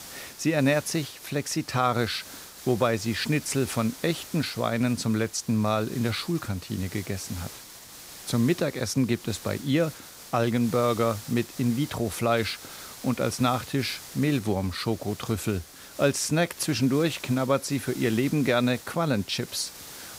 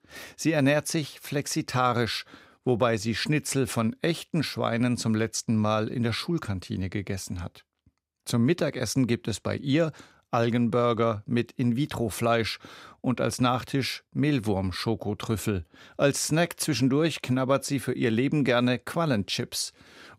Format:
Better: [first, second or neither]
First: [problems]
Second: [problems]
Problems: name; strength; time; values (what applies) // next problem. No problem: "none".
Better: second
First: hiss; noticeable; throughout; 15 dB below the speech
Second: none